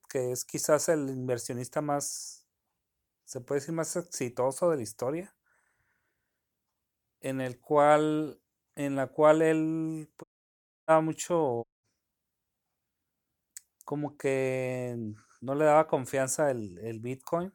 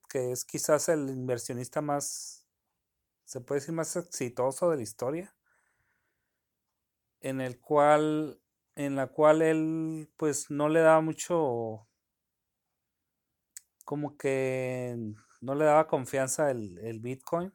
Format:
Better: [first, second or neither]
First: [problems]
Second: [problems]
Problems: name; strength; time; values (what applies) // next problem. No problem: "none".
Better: second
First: audio cutting out; at 10 s for 0.5 s and at 12 s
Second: none